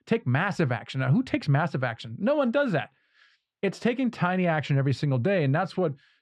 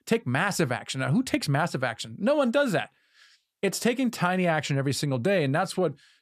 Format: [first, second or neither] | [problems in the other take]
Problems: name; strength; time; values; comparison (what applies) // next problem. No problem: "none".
second | muffled; slightly; fading above 3 kHz